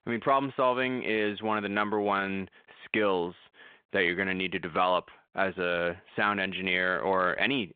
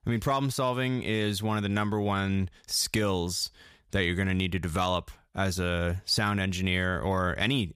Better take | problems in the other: second | phone-call audio

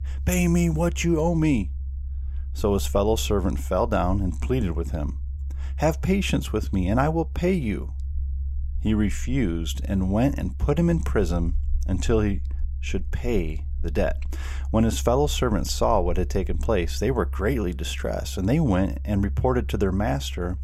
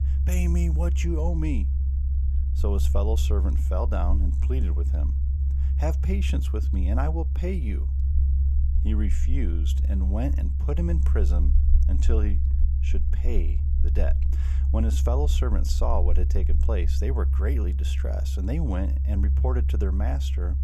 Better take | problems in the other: first | low rumble; loud; throughout; 8 dB below the speech; faint in the first

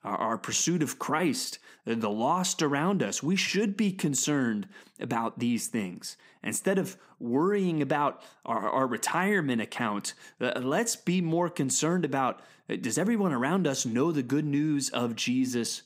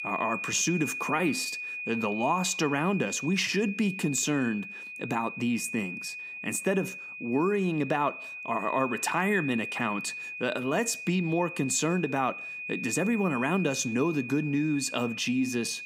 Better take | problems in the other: first | high-pitched whine; loud; throughout; 2.5 kHz, 7 dB below the speech

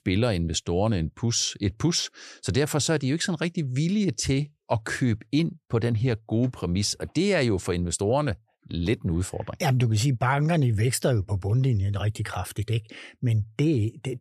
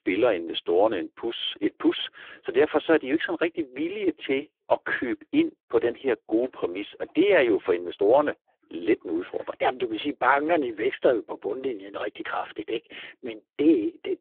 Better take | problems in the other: first | phone-call audio; poor line; nothing above 3.5 kHz

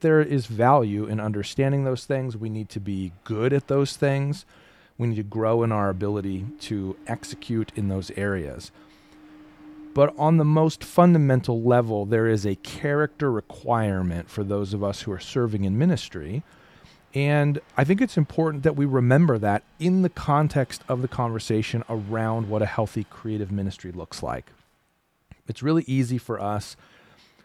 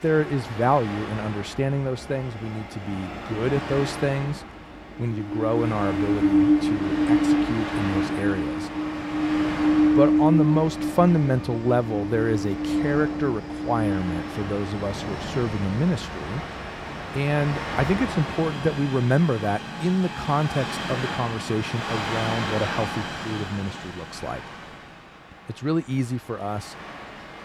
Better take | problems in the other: first | train or aircraft noise; loud; throughout; 1 dB below the speech; faint in the first

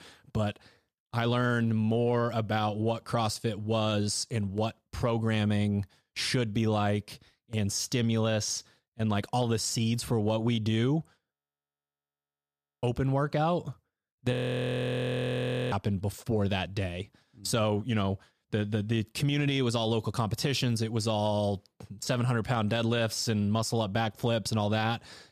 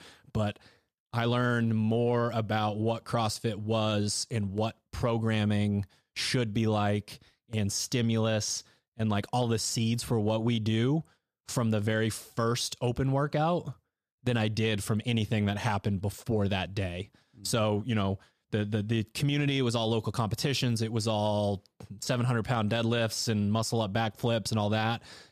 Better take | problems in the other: second | audio freezing; at 11 s for 1.5 s and at 14 s for 1.5 s

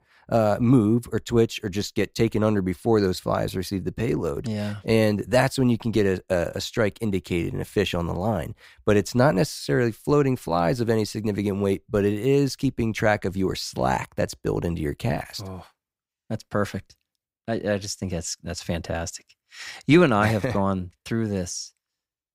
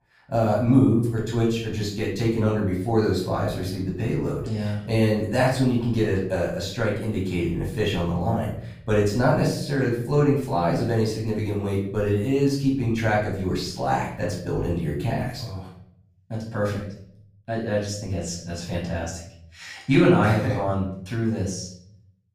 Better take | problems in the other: first | off-mic speech; far // room echo; noticeable; dies away in 0.6 s

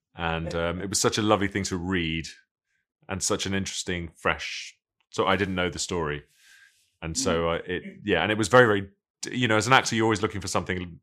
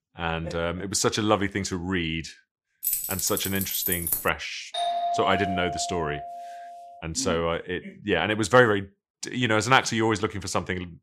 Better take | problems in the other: first | jangling keys; loud; from 3 to 4.5 s; peak 1 dB above the speech // doorbell; noticeable; from 4.5 to 7 s; peak 1 dB below the speech

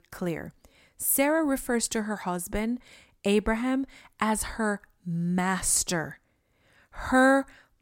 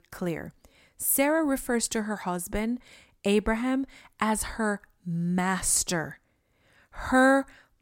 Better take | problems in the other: neither | none

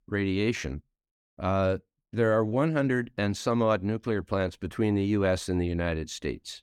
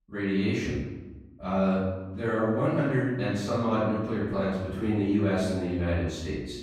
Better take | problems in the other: first | off-mic speech; far // room echo; strong; dies away in 1.1 s

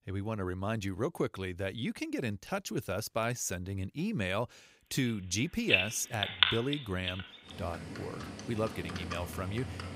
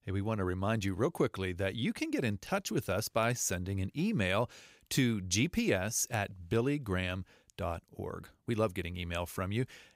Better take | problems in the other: second | animal sounds; very loud; from 5.5 s on; 2 dB above the speech

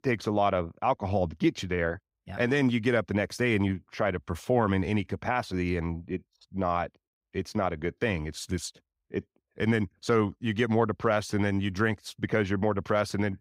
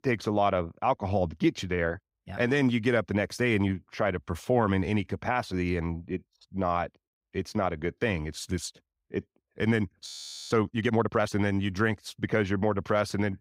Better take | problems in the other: first | audio freezing; at 10 s

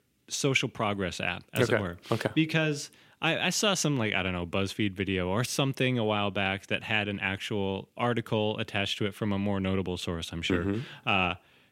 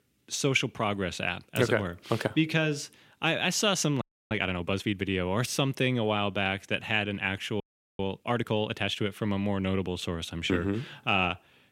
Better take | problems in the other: first | audio freezing; at 4 s and at 7.5 s

